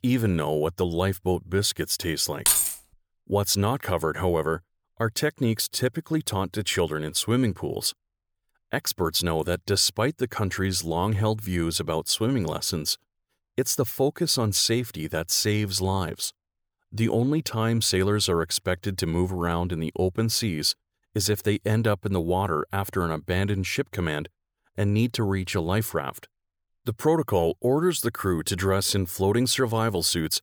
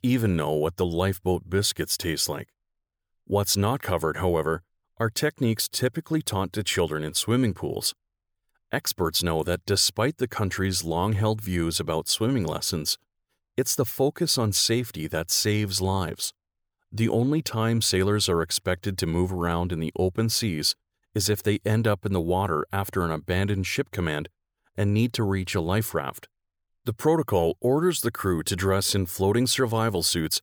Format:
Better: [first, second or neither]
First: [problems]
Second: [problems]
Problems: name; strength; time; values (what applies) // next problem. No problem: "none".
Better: second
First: jangling keys; loud; at 2.5 s; peak 6 dB above the speech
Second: none